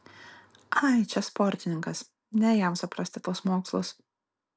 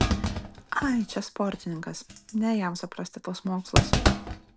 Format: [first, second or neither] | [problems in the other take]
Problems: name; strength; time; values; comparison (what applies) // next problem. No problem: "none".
first | background sound (Thump, thud); 2 dB above the speech